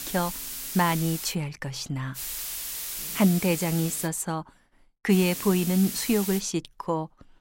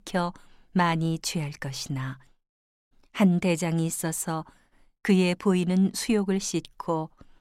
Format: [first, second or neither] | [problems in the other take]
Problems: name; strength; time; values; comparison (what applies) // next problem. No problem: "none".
second | hiss; loud; until 1.5 s, from 2 to 4 s and from 5 to 6.5 s; 6 dB below the speech